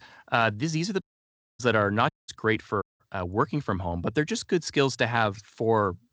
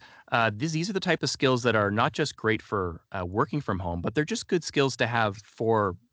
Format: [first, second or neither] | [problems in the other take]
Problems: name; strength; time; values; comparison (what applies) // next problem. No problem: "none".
second | audio cutting out; at 1 s for 0.5 s, at 2 s and at 3 s